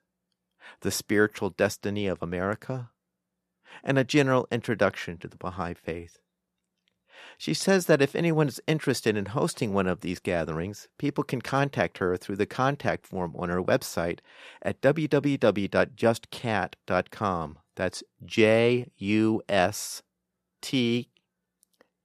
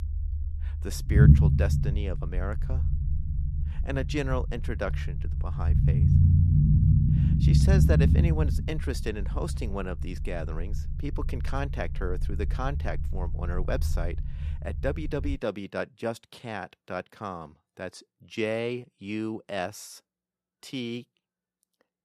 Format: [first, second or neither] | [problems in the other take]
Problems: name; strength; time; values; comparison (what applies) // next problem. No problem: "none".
first | low rumble; loud; until 15 s; 1 dB below the speech